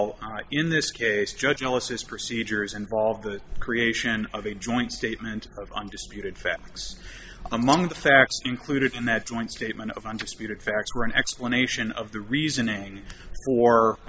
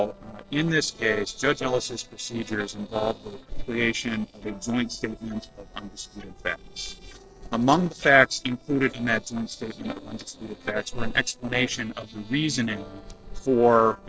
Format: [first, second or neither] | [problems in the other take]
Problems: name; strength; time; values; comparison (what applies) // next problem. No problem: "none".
first | noise reduction (neural separator model SepFormer DNS4)